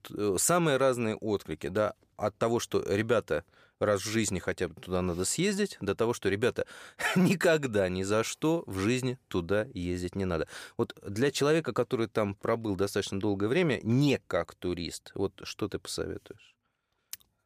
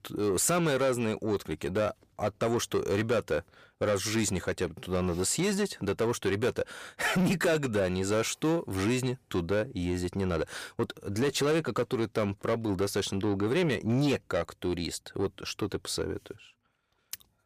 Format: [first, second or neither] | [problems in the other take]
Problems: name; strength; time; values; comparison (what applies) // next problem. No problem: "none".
first | distortion; slight; 10 dB below the speech